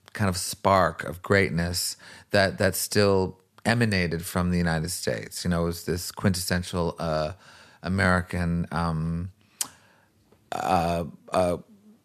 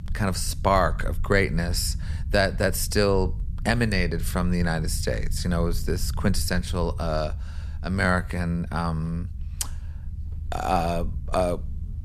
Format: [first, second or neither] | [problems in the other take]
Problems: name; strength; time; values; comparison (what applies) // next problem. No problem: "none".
first | low rumble; faint; throughout; 25 dB below the speech